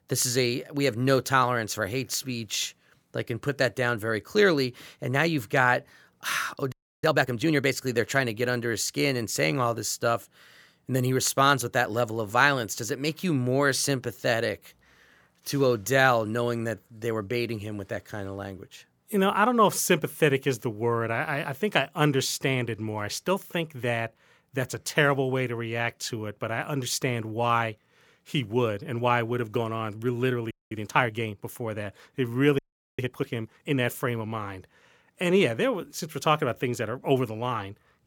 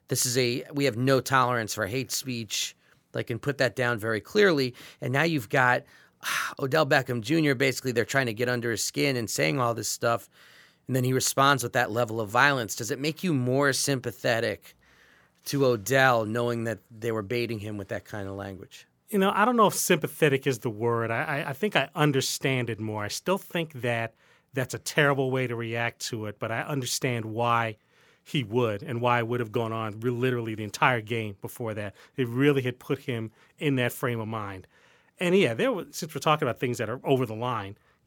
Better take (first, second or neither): second